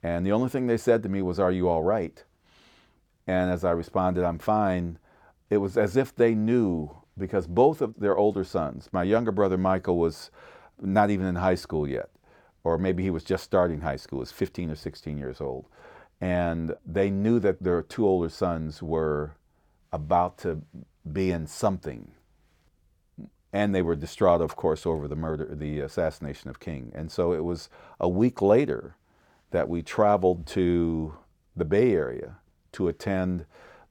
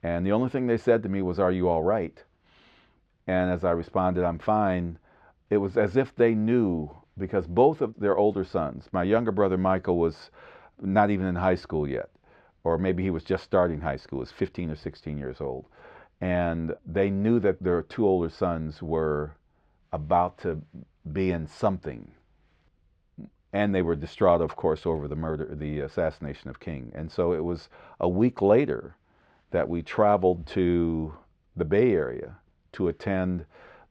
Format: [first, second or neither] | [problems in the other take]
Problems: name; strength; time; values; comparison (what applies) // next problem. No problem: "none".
first | muffled; very slightly; fading above 3 kHz